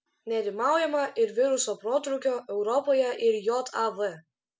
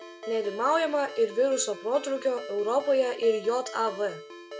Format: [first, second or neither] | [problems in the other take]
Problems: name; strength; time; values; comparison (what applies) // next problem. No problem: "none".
first | background sound (Ringtone); 15 dB below the speech